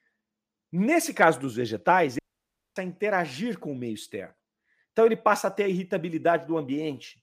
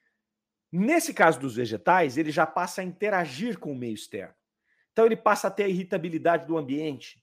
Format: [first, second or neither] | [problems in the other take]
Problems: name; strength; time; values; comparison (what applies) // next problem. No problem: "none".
second | audio cutting out; at 2 s for 0.5 s